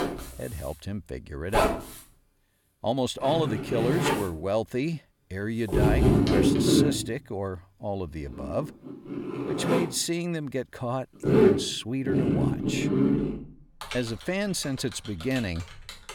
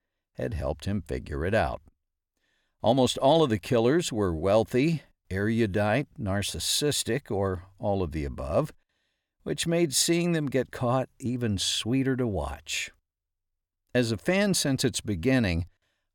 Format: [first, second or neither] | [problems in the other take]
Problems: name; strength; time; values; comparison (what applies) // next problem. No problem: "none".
second | household noises; very loud; throughout; 5 dB above the speech